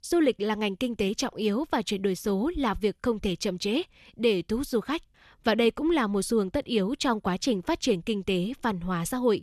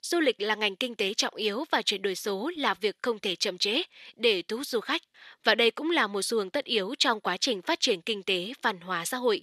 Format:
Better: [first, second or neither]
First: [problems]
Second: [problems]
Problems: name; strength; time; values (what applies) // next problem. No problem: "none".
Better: first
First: none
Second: thin; somewhat; fading below 400 Hz